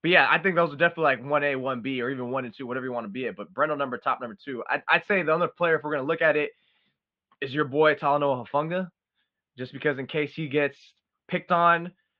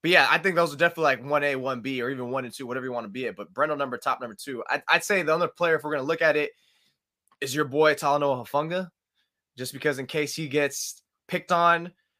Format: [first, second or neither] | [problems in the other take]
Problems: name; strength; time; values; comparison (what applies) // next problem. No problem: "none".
second | muffled; very; fading above 3.5 kHz